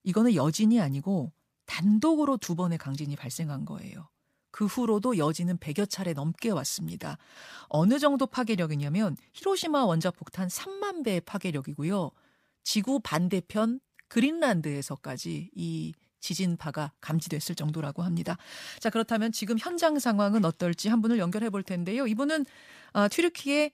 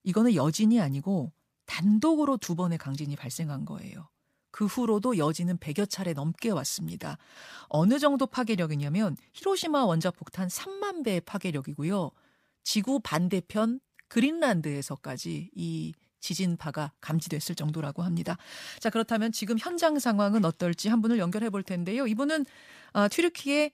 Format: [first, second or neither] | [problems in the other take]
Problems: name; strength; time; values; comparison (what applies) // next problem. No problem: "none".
neither | none